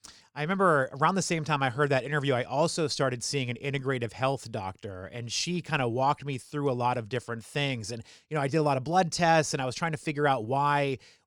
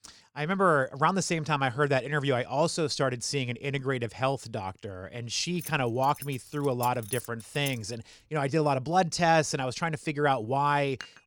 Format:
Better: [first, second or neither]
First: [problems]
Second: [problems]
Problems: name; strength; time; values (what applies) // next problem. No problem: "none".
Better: first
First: none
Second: jangling keys; noticeable; from 5.5 to 8 s; peak 9 dB below the speech // clattering dishes; faint; at 11 s; peak 15 dB below the speech